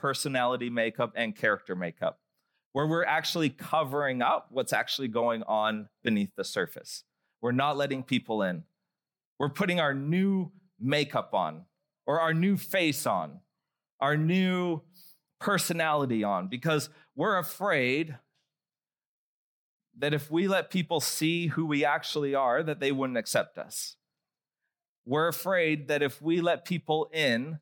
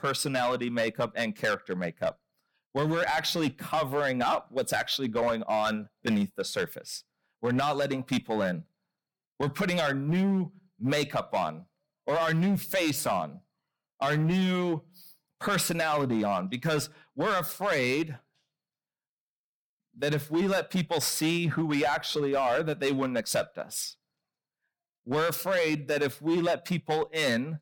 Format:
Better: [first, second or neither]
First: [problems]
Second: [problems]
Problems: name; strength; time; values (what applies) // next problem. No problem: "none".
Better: first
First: none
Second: distortion; slight; 8% of the sound clipped